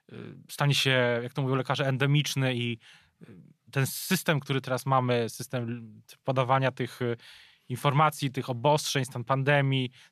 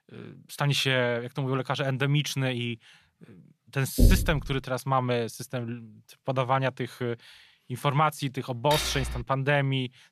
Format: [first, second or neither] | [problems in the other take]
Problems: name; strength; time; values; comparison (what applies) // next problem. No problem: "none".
first | door banging; loud; at 4 s; peak 4 dB above the speech // clattering dishes; noticeable; at 8.5 s; peak 2 dB below the speech